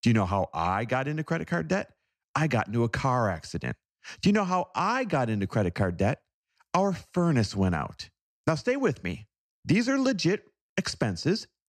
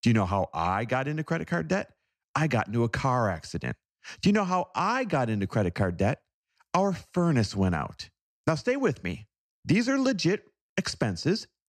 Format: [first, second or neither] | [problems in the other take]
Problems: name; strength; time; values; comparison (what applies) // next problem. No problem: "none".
neither | none